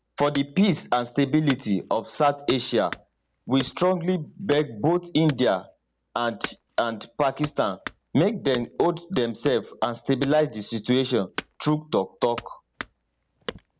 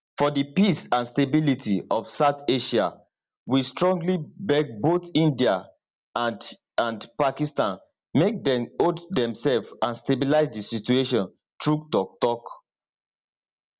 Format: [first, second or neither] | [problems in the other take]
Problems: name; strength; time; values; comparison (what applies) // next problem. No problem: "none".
second | background sound (Wood / Domestic sounds, home sounds); 17 dB below the speech